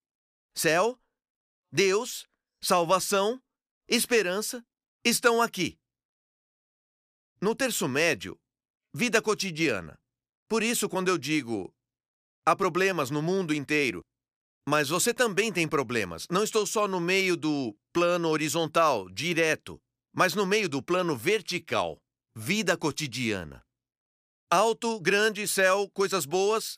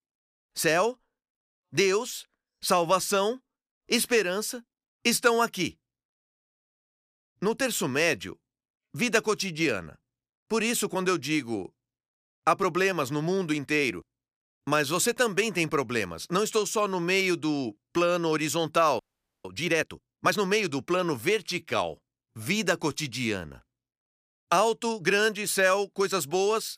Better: first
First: none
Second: audio freezing; at 19 s

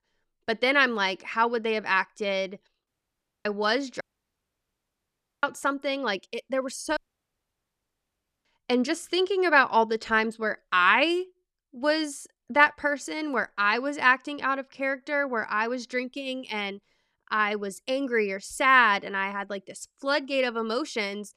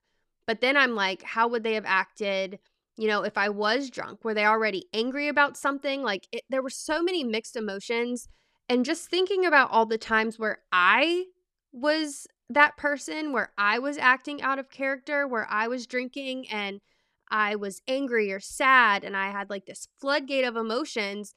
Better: second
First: audio cutting out; at 3 s for 0.5 s, at 4 s for 1.5 s and at 7 s for 1.5 s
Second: none

